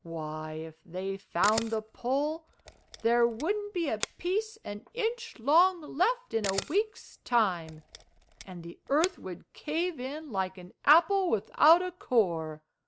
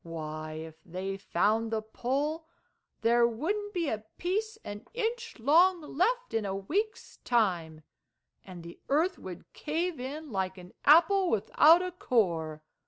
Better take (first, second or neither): second